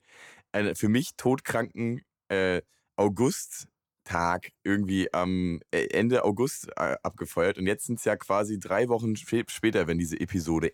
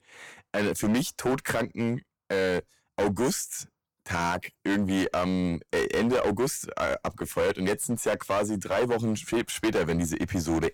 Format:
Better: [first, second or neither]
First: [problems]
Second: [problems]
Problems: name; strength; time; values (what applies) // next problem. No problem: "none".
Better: first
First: none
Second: distortion; heavy; 13% of the sound clipped